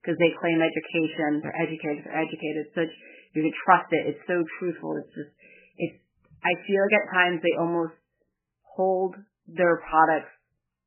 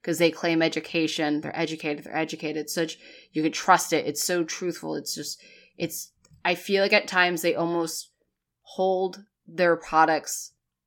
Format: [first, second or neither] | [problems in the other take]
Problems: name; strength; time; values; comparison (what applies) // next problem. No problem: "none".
second | garbled, watery; badly; nothing above 3 kHz